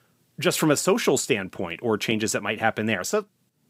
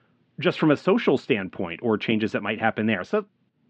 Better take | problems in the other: first | muffled; very; fading above 3.5 kHz

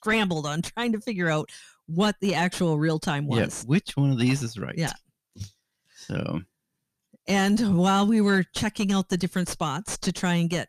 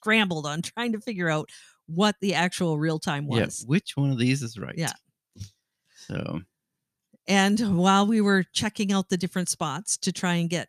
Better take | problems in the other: second | distortion; slight; 10 dB below the speech

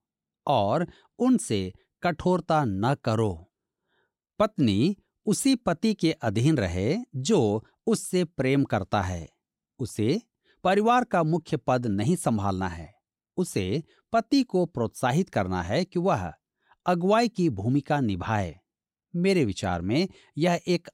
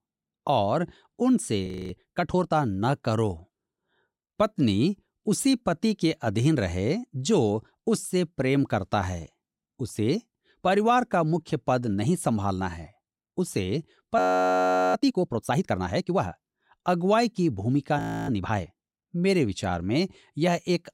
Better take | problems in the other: first | audio freezing; at 1.5 s, at 14 s for 1 s and at 18 s

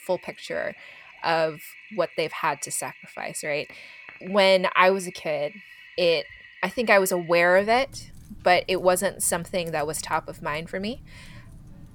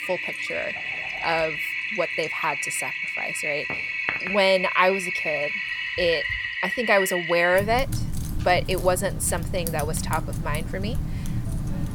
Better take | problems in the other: first | household noises; loud; throughout; 2 dB below the speech; faint in the first

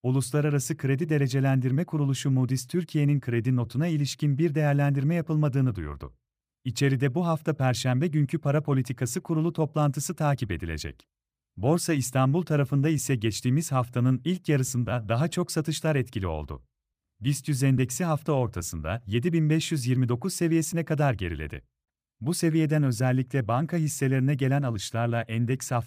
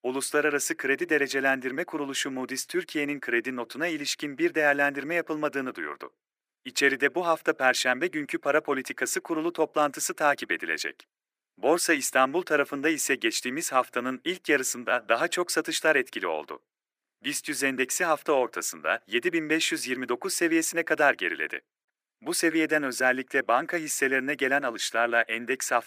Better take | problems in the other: first | thin; very; fading below 350 Hz

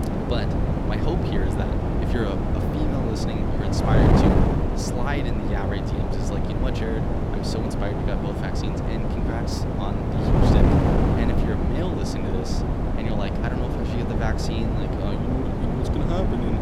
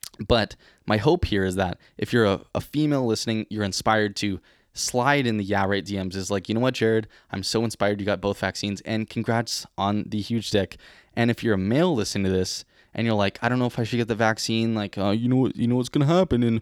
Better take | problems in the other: second | wind noise on the microphone; heavy; 4 dB above the speech

